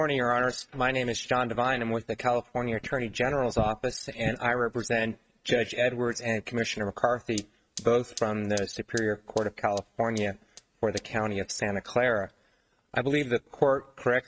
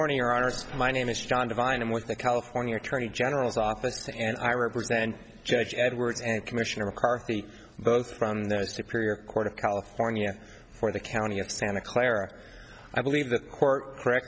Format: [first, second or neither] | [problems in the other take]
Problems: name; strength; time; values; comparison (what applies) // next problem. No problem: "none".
second | noise reduction (neural mask model RNNoise)